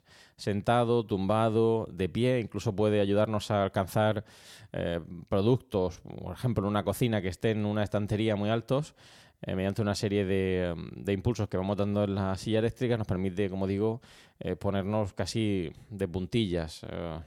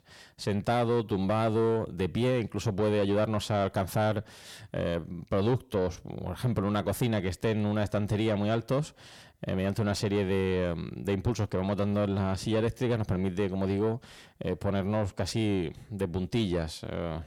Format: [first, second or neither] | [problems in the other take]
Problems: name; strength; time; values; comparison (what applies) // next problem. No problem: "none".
first | distortion; slight; 10 dB below the speech